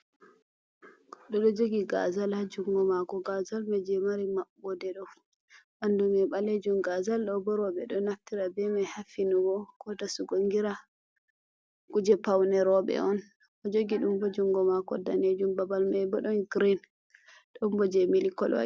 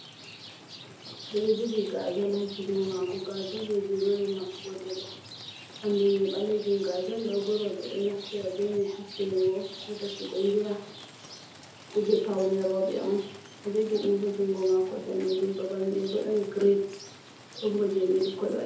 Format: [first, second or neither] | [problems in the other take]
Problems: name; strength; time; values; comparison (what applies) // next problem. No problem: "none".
first | background sound (Rain); 16 dB below the speech // room echo; dies away in 0.7 s